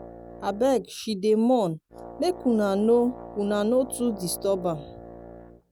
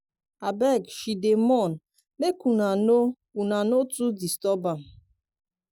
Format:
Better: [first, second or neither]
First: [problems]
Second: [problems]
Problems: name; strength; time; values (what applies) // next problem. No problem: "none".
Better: second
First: background sound (Brass instrument); 17 dB below the speech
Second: none